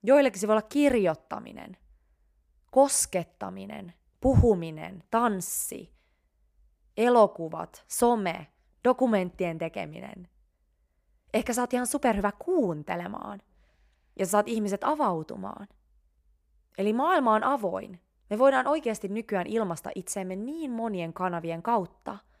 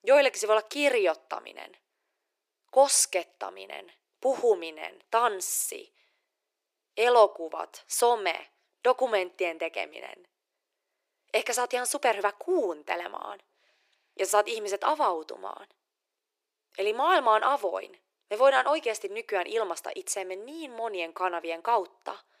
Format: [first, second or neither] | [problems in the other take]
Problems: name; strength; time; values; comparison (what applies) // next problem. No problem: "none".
first | thin; very; fading below 350 Hz